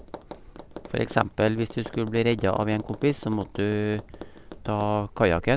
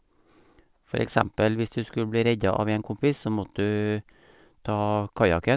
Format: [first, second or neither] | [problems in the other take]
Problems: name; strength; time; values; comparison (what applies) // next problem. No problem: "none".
second | background sound (Tap); 15 dB below the speech